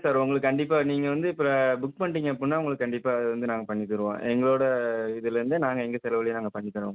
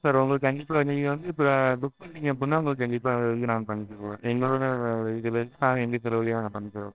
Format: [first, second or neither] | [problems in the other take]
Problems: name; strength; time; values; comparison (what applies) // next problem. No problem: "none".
first | noise reduction (neural separator model SepFormer WHAMR!)